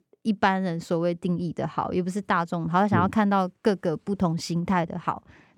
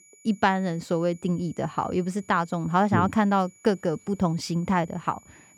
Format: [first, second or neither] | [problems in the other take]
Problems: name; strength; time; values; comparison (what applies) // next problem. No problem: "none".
first | high-pitched whine; faint; throughout; 7 kHz, 30 dB below the speech